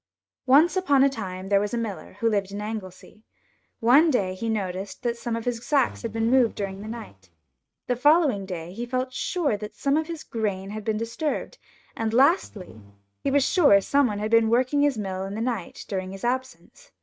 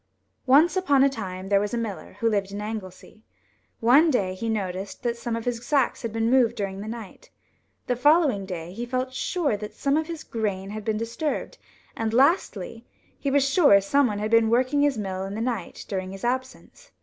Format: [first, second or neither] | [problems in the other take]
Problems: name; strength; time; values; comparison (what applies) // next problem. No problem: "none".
second | noise reduction (neural mask model RNNoise)